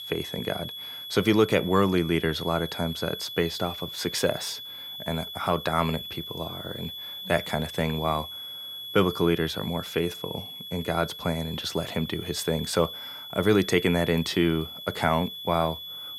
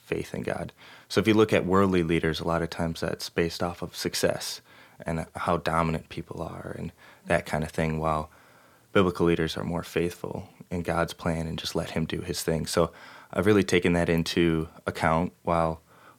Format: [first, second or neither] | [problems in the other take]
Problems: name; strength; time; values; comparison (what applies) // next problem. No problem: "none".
second | high-pitched whine; loud; throughout; 3.5 kHz, 9 dB below the speech